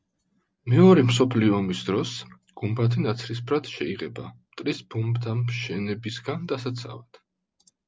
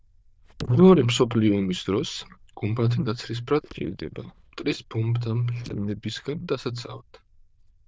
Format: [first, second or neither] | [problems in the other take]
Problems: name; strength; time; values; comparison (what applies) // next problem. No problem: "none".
first | noise reduction (neural diffusion model UNIVERSE++)